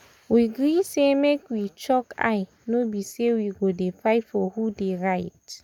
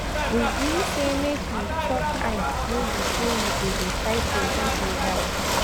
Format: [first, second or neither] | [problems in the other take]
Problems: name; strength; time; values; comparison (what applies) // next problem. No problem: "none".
first | background sound (Ocean / Boat, Water vehicle); 5 dB above the speech